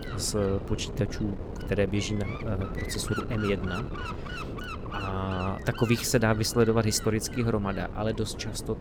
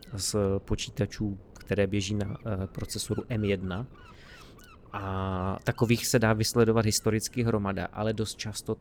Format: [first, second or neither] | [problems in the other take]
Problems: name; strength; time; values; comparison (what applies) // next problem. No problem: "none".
second | wind noise on the microphone; heavy; 8 dB below the speech; occasional gusts in the second